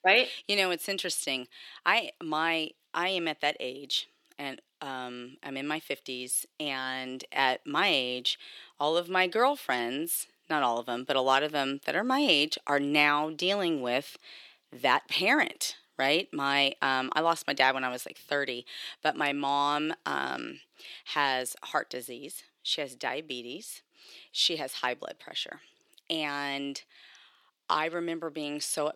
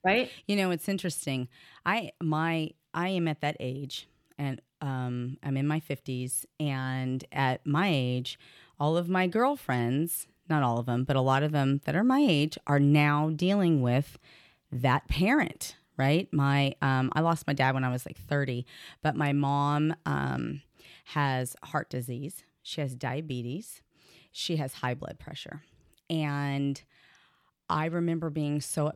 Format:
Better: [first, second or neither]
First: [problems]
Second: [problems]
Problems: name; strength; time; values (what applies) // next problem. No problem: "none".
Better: second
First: thin; somewhat; fading below 350 Hz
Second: none